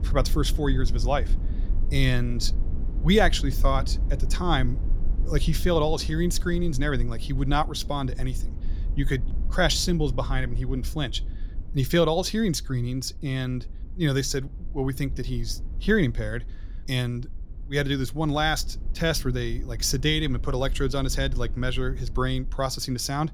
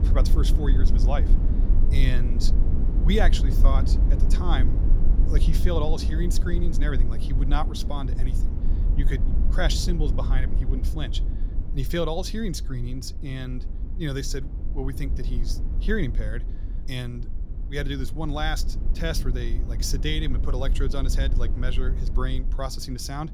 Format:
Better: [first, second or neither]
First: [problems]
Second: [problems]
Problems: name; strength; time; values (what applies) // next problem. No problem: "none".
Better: first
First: low rumble; faint; throughout; 20 dB below the speech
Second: low rumble; loud; throughout; 9 dB below the speech